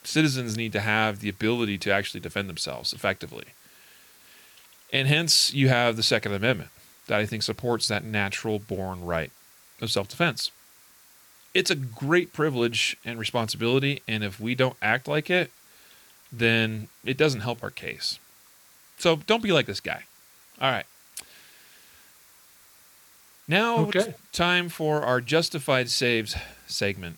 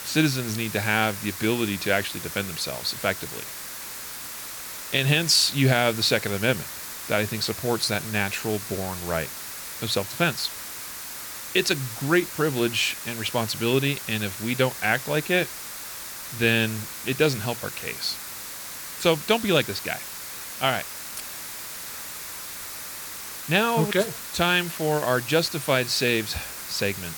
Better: first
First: hiss; faint; throughout; 25 dB below the speech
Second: hiss; loud; throughout; 9 dB below the speech

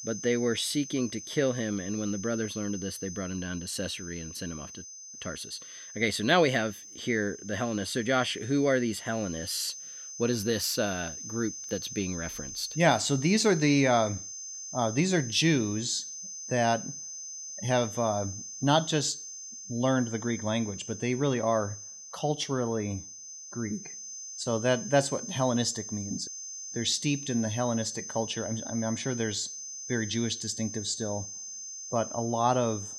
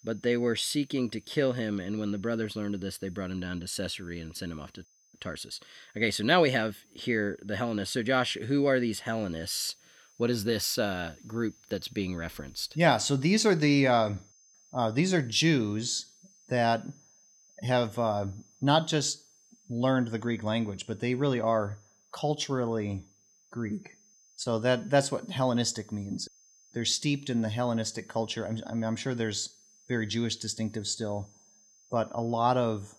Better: second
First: high-pitched whine; loud; throughout; 6 kHz, 9 dB below the speech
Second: high-pitched whine; faint; throughout; 6 kHz, 30 dB below the speech

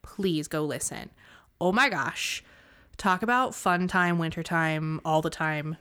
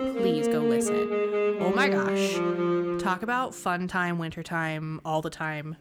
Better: first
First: none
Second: background music; very loud; throughout; 3 dB above the speech

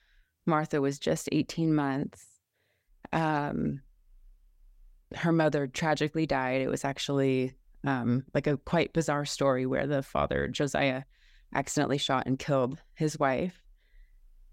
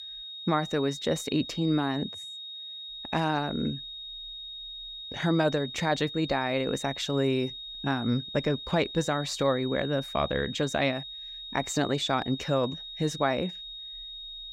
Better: first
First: none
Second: high-pitched whine; loud; throughout; 3.5 kHz, 9 dB below the speech

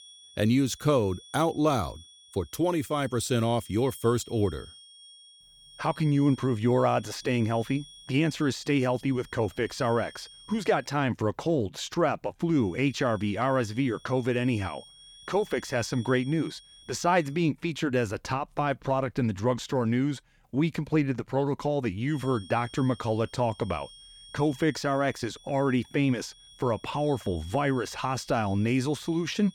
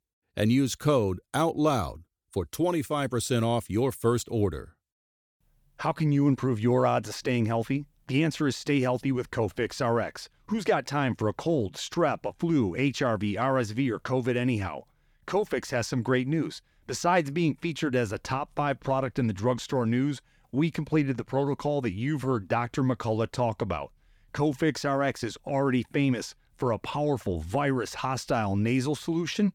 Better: second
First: high-pitched whine; faint; until 11 s, from 13 to 17 s and from 22 s on; 3.5 kHz, 20 dB below the speech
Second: none

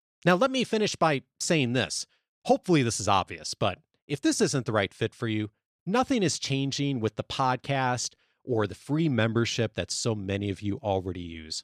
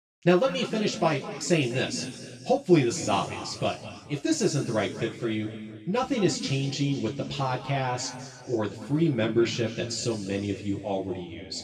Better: first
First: none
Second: room echo; noticeable; dies away in 2.1 s // off-mic speech; far

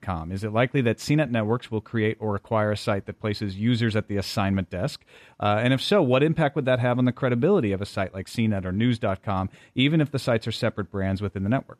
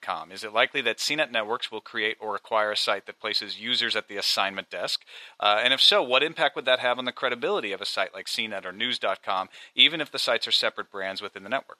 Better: first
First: none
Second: thin; very; fading below 700 Hz

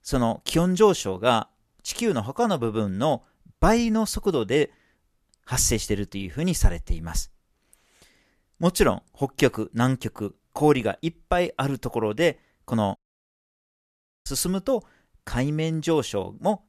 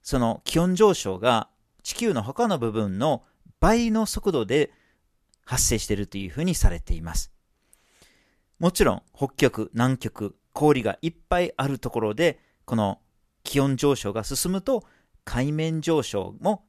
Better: second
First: audio cutting out; at 13 s for 1.5 s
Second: none

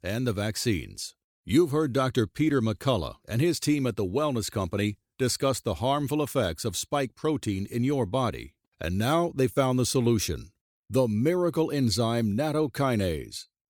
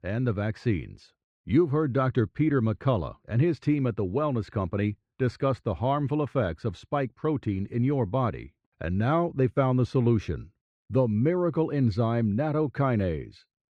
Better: first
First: none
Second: muffled; very; fading above 1.5 kHz

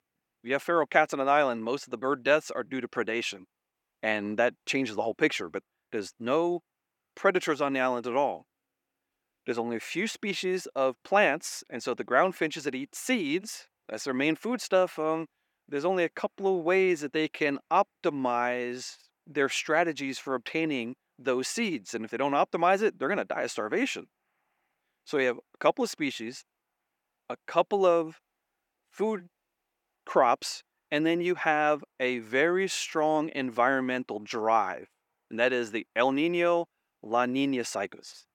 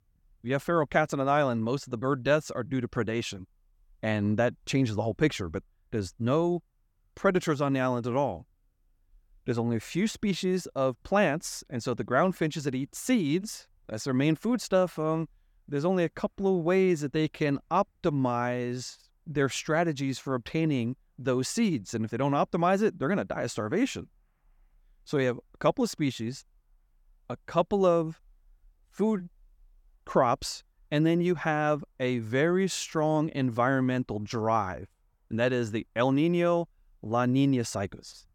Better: second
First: thin; somewhat; fading below 350 Hz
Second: none

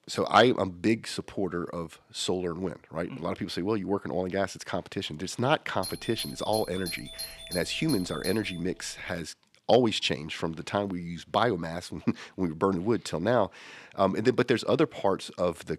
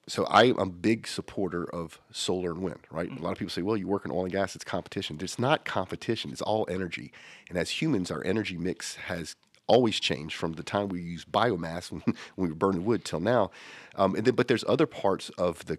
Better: second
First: doorbell; noticeable; from 6 to 9 s; peak 8 dB below the speech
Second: none

